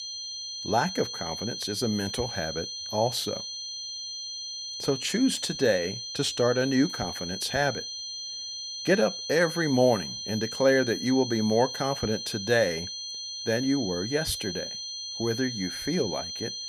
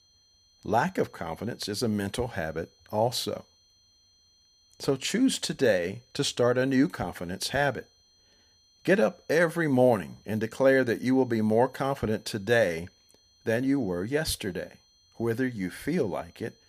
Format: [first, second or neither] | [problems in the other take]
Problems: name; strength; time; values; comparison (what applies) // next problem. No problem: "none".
second | high-pitched whine; loud; throughout; 4 kHz, 6 dB below the speech; faint in the second